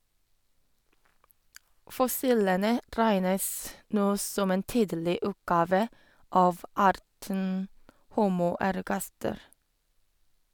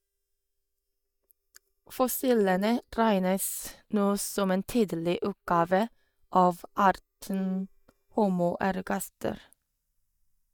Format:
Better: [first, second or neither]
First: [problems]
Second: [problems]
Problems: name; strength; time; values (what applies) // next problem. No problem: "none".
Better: first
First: none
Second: noise reduction (neural mask model DeepFilterNet 3)